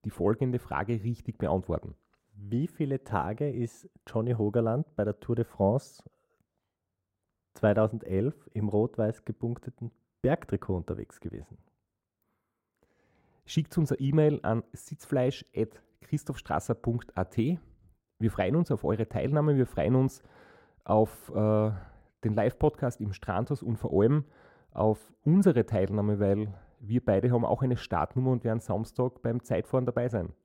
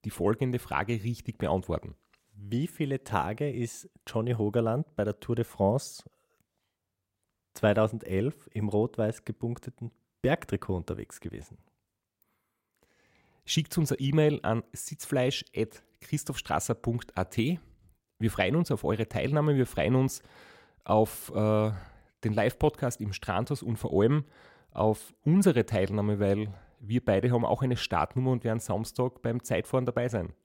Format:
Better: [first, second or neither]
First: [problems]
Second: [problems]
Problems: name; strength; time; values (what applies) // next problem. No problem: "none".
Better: second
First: muffled; slightly; fading above 1 kHz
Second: none